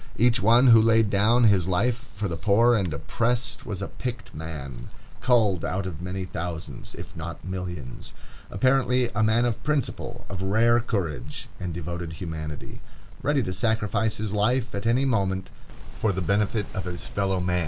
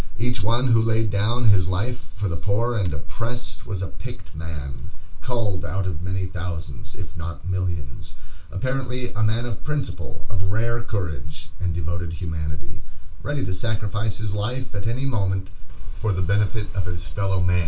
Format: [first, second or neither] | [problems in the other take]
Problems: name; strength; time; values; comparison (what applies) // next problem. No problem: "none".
first | room echo; dies away in 0.3 s